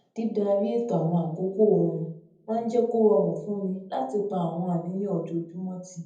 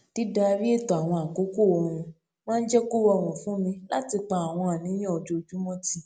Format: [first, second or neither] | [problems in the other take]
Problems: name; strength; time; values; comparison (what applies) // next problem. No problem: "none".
second | room echo; dies away in 0.7 s